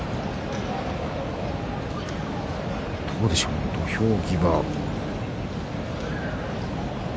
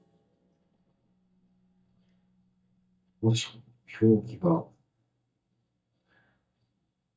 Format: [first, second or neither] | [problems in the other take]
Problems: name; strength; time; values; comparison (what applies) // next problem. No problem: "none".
first | noise reduction (neural mask model DeepFilterNet 3)